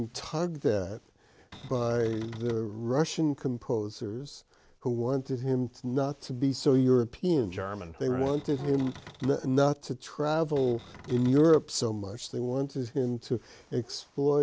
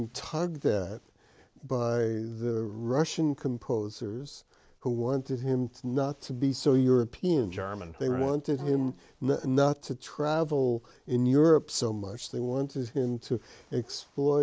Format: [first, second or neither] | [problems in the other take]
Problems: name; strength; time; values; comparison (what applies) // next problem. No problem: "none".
second | background sound (Cupboard open or close); 19 dB below the speech